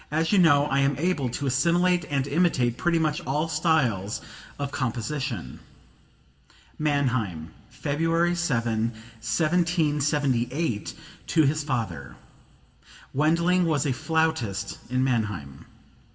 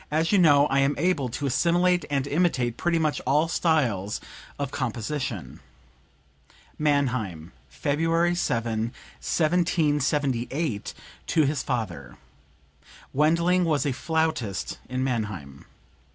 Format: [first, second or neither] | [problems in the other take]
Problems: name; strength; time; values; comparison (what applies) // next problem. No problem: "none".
second | room echo; dies away in 1.3 s